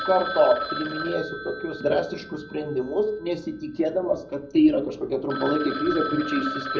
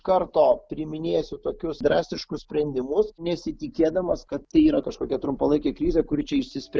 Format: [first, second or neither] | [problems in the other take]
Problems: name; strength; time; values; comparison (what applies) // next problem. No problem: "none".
second | background sound (Telephone); 9 dB below the speech // room echo; dies away in 0.5 s